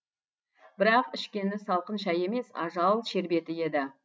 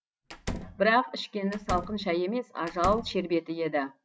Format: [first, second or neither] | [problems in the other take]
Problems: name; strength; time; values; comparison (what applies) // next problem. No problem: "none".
first | background sound (Slam); 10 dB below the speech